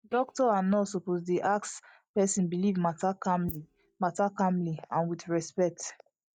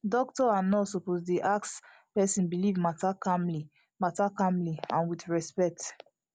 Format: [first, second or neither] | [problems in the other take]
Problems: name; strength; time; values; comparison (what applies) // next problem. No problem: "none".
second | noise reduction (neural mask model DeepFilterNet 3)